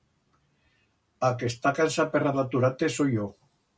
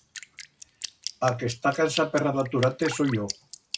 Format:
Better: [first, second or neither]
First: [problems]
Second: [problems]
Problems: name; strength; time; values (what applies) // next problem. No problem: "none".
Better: first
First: none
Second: background sound (Drip); 12 dB below the speech